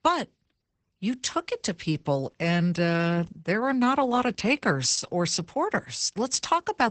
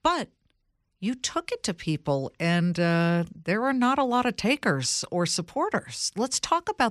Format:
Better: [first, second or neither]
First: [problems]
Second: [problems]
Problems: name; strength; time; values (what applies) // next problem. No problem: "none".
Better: second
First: garbled, watery; badly; nothing above 8 kHz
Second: none